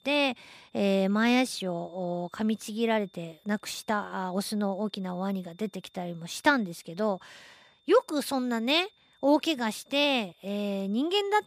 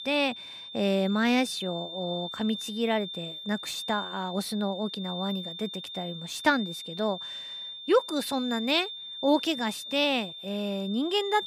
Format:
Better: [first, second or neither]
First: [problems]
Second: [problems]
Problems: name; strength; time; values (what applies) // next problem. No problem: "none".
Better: first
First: high-pitched whine; faint; throughout; 3.5 kHz, 35 dB below the speech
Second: high-pitched whine; loud; throughout; 3.5 kHz, 8 dB below the speech